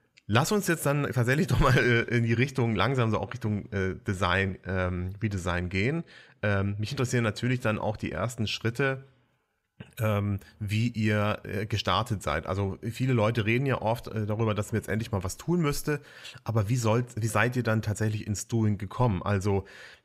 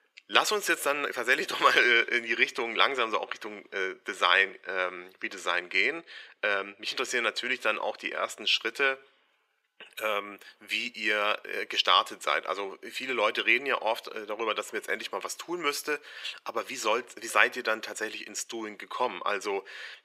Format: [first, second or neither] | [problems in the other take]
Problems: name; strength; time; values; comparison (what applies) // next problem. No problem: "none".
first | thin; very; fading below 350 Hz